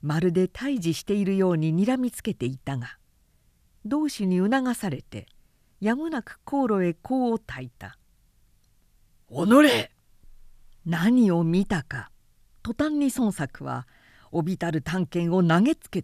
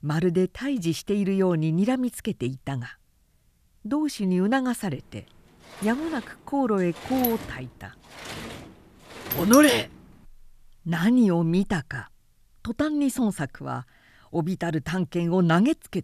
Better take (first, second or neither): first